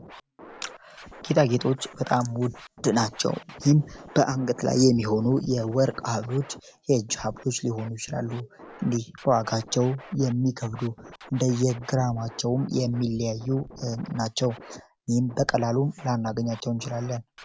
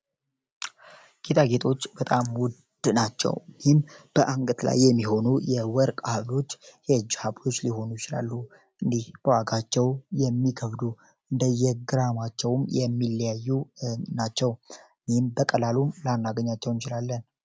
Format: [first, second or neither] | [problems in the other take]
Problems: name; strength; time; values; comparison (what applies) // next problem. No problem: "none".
second | background sound (Scratching (performance technique)); 20 dB below the speech